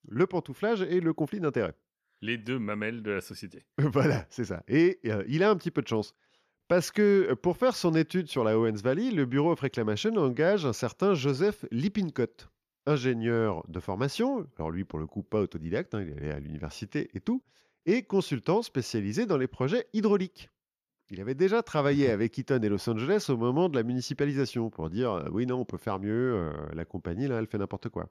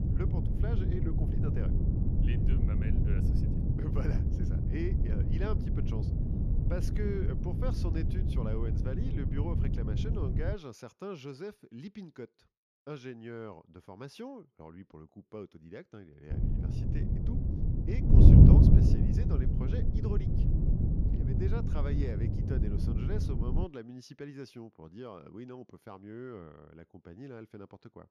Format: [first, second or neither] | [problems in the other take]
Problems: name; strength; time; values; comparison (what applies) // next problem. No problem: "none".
first | wind noise on the microphone; heavy; until 11 s and from 16 to 24 s; 4 dB above the speech